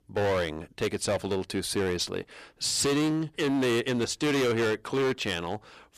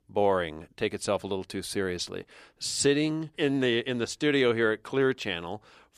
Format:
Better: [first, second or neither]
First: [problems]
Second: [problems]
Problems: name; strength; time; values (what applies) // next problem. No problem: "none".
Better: second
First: distortion; heavy; 18% of the sound clipped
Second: none